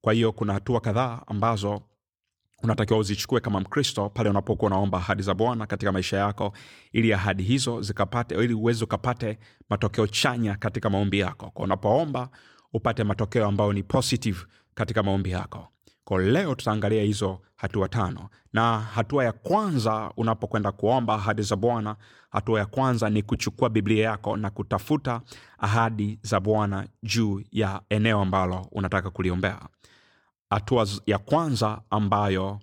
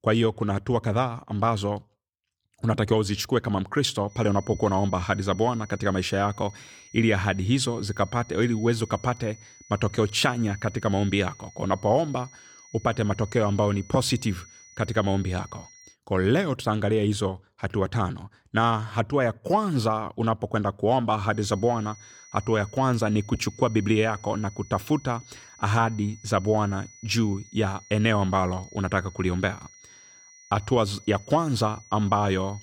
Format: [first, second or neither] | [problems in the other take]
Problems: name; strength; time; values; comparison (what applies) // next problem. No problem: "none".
first | high-pitched whine; faint; from 4 to 16 s and from 21 s on; 6 kHz, 20 dB below the speech